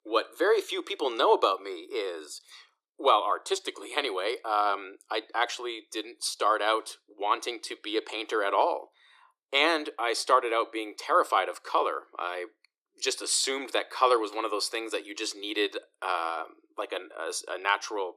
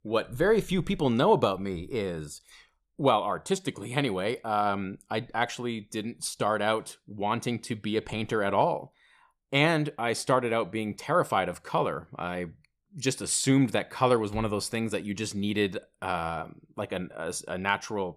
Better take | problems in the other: second | thin; very; fading below 300 Hz

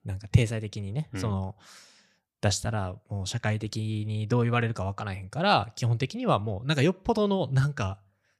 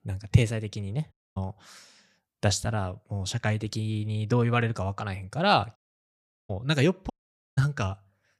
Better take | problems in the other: first | audio cutting out; at 1 s, at 6 s for 0.5 s and at 7 s

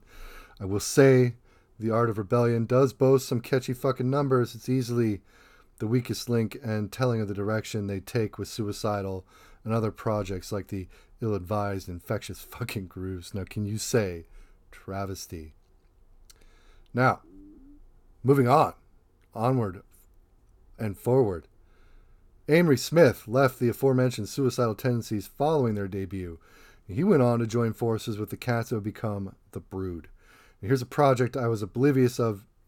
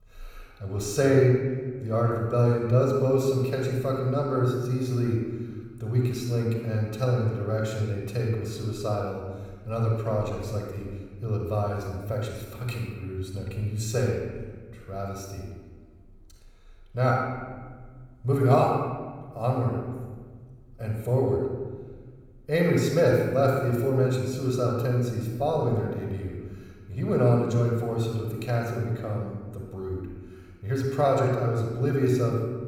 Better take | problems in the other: first | off-mic speech; somewhat distant // room echo; noticeable; dies away in 1.4 s

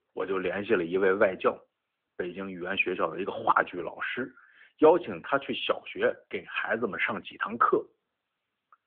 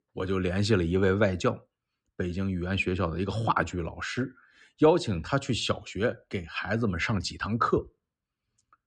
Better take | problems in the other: second | phone-call audio; nothing above 3.5 kHz

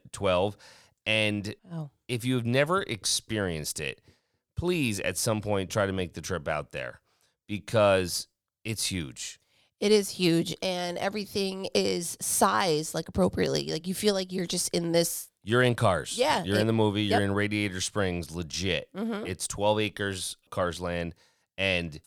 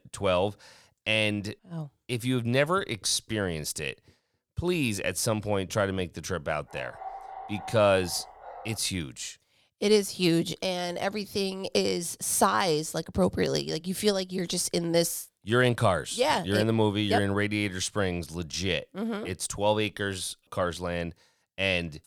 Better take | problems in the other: first | dog barking; faint; from 6.5 to 9 s; peak 10 dB below the speech

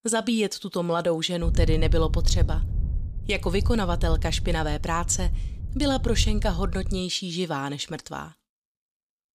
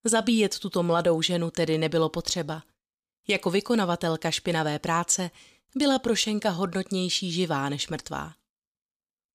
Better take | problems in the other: second | wind noise on the microphone; occasional gusts; from 1.5 to 7 s; 20 dB below the speech

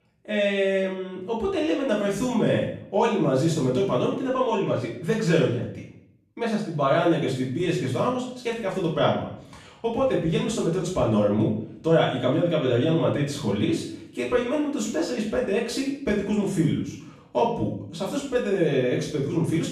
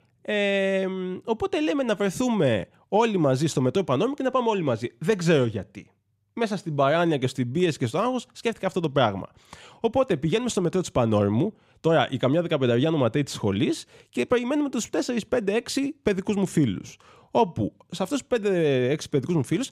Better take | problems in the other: second | off-mic speech; far // room echo; noticeable; dies away in 0.5 s

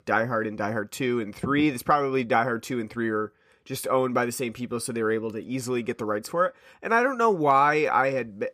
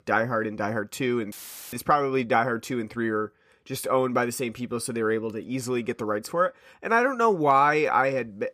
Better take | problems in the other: first | audio cutting out; filled with static; at 1.5 s

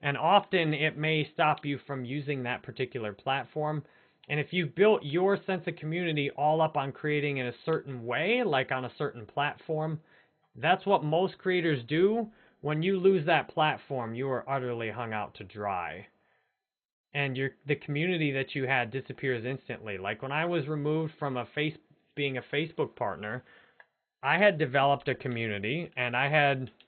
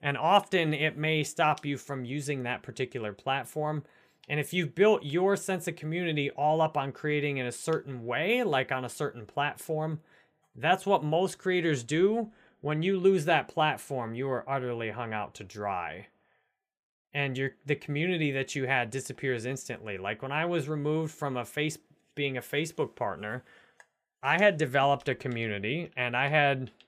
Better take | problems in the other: second | garbled, watery; badly; nothing above 4 kHz

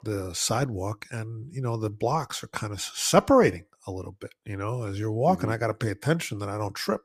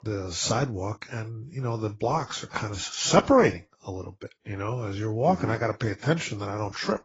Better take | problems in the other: first | garbled, watery; badly; nothing above 7.5 kHz

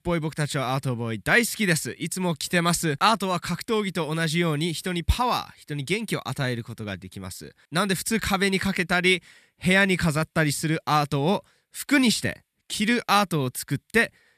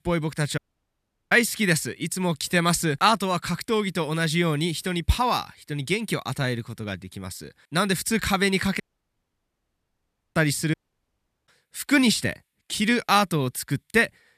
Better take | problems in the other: first | audio cutting out; at 0.5 s for 0.5 s, at 9 s for 1.5 s and at 11 s for 0.5 s

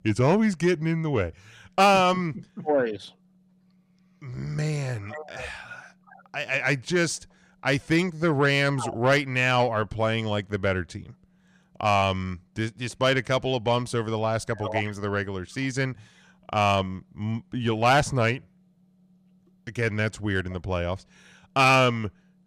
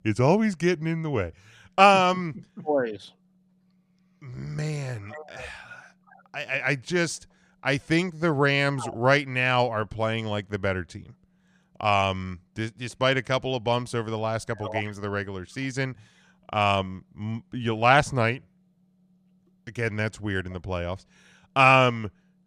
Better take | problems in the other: second | distortion; slight; 10 dB below the speech

